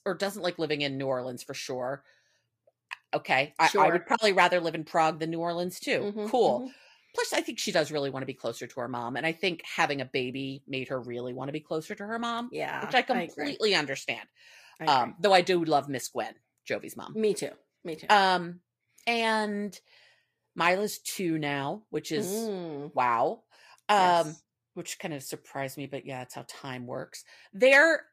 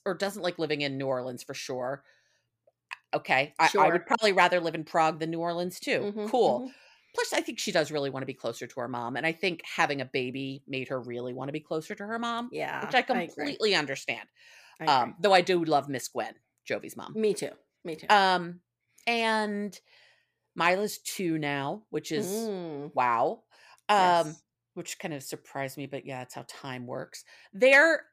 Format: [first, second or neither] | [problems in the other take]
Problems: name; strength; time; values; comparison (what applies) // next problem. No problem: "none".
second | garbled, watery; slightly; nothing above 15 kHz